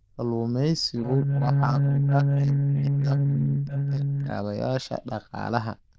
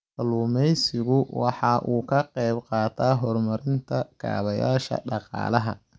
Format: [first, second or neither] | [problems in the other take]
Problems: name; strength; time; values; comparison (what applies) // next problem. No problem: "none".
second | noise reduction (neural diffusion model UNIVERSE++)